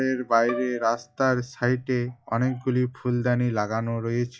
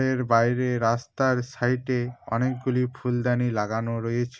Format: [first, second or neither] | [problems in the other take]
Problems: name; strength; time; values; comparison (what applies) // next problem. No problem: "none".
second | noise reduction (classical method log-MMSE)